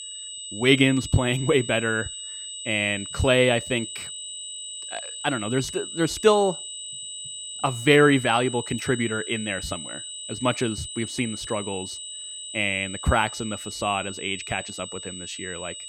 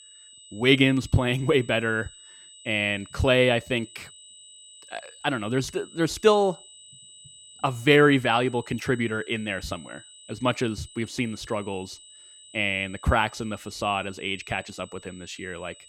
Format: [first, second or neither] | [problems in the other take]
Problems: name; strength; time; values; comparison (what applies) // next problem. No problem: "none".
second | high-pitched whine; loud; throughout; 8 kHz, 10 dB below the speech; faint in the second